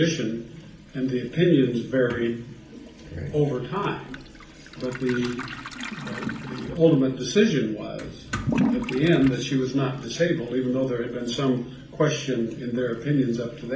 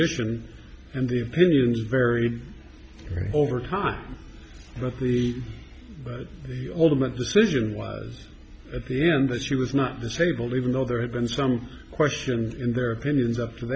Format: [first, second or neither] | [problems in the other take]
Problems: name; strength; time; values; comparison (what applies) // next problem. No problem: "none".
second | background sound (Toilet flush / Liquid); 10 dB below the speech // room echo; dies away in 0.4 s